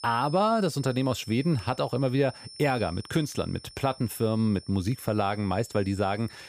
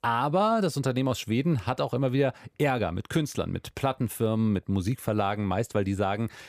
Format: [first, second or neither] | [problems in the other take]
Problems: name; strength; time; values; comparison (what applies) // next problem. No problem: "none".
second | high-pitched whine; noticeable; throughout; 5.5 kHz, 20 dB below the speech